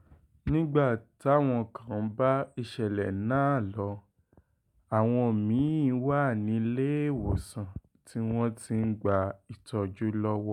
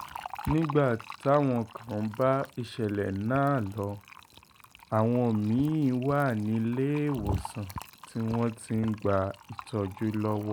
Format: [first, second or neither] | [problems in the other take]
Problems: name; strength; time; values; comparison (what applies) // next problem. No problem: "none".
first | background sound (Fill (with liquid)); 18 dB below the speech